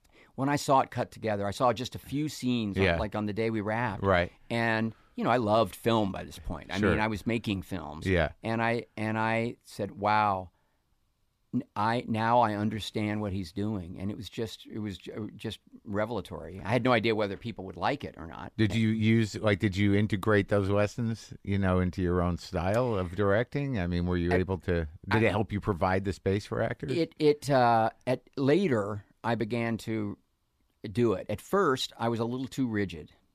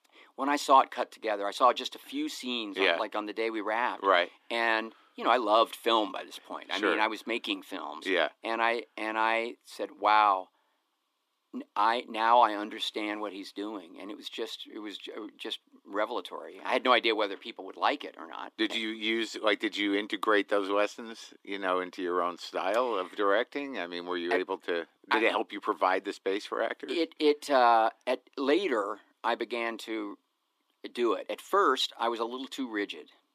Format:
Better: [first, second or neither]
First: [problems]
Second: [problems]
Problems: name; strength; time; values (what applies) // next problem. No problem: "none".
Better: first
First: none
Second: thin; somewhat; fading below 300 Hz